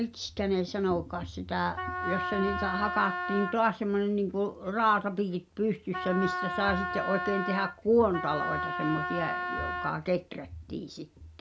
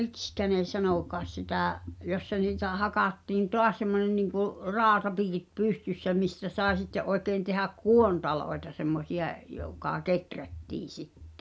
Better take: second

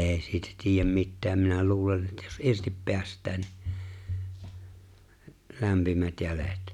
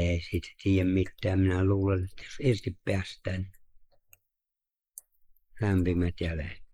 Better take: first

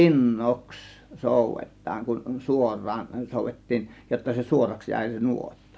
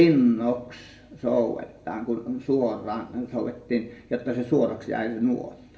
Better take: first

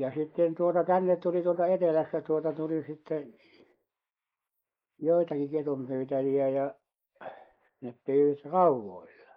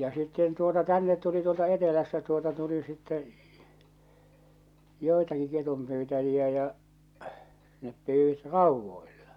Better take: second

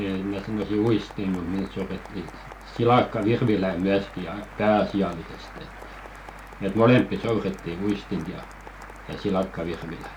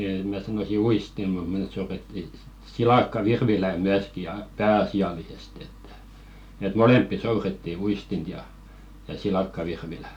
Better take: second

